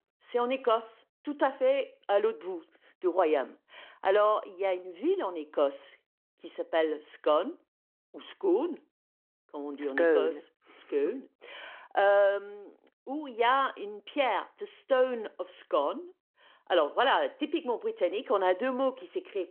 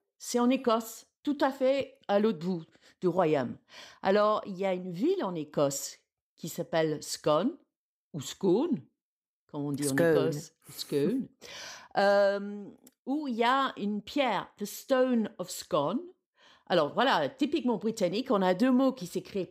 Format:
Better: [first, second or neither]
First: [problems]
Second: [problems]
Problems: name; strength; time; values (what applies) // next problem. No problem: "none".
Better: second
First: phone-call audio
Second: none